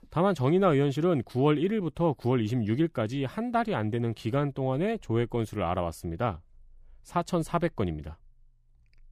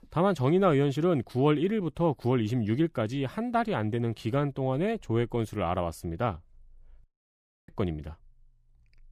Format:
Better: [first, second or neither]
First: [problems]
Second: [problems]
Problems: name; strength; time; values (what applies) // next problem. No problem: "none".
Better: first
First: none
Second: audio cutting out; at 7 s for 0.5 s